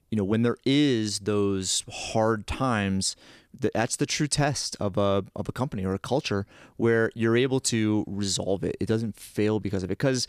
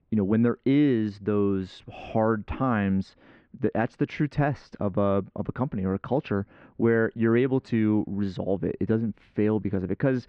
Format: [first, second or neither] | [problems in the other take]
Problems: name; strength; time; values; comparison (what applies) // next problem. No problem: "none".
first | muffled; very; fading above 2 kHz